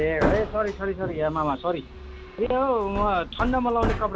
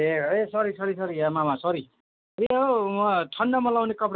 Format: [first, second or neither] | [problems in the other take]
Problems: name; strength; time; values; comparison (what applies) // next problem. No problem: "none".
second | background sound (Hammer); 6 dB below the speech